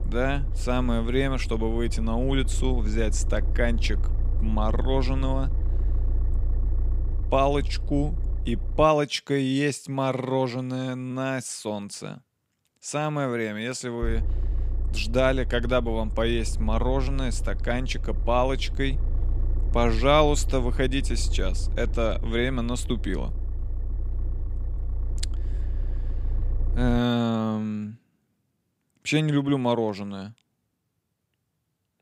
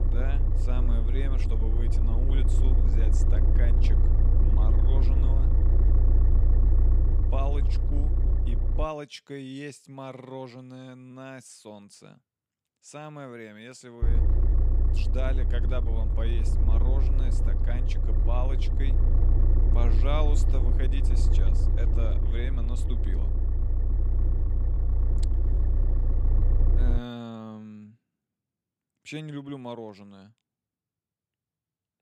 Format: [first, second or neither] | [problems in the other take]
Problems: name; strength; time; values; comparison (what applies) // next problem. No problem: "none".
first | low rumble; loud; until 9 s and from 14 to 27 s; 3 dB below the speech; faint in the first